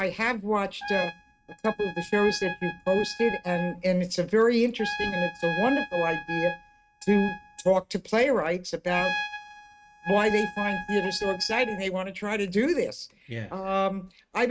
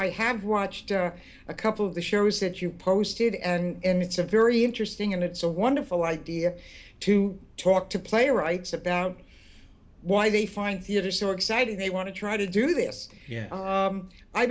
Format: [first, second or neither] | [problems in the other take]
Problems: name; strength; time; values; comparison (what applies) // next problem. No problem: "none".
second | noise reduction (neural mask model RNNoise)